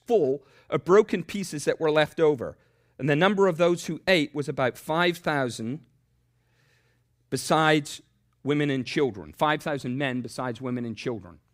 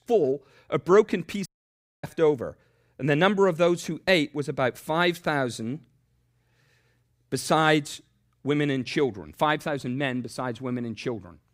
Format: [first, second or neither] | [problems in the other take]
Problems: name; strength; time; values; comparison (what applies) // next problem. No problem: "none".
first | audio cutting out; at 1.5 s for 0.5 s